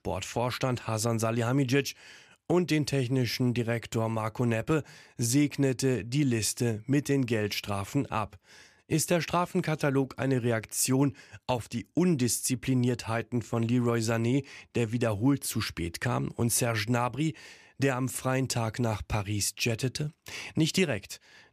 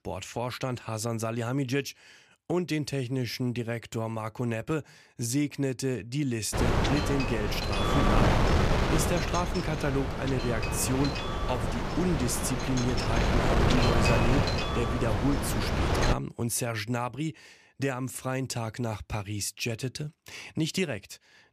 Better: first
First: none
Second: wind noise on the microphone; heavy; from 6.5 to 16 s; 4 dB above the speech

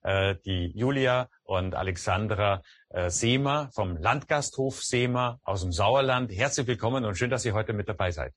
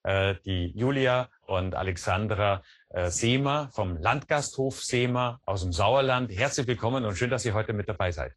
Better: second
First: garbled, watery; badly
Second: garbled, watery; slightly

